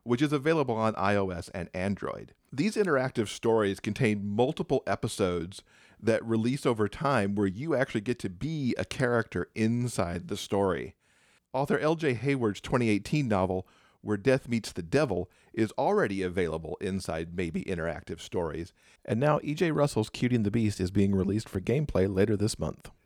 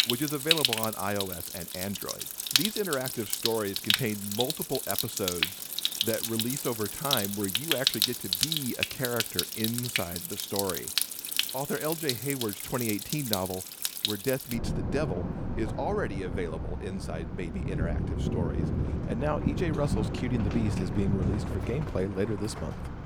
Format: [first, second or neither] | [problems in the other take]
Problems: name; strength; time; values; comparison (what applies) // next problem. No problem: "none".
first | rain or running water; very loud; throughout; 3 dB above the speech